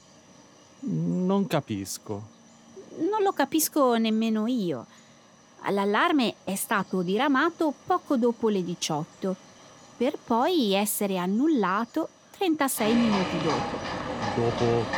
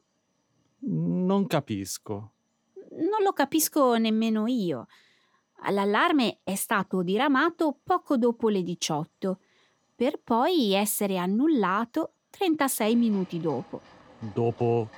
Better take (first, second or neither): second